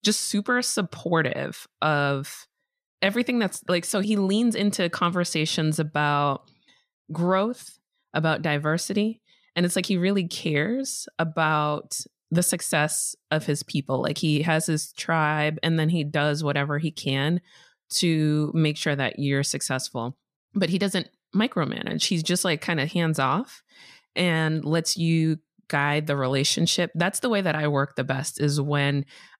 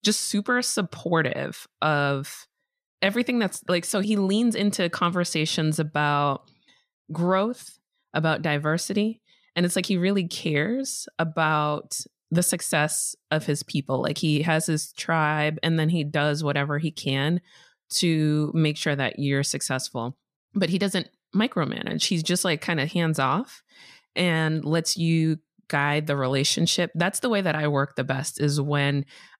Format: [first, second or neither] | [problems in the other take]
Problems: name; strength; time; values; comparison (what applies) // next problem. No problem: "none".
neither | none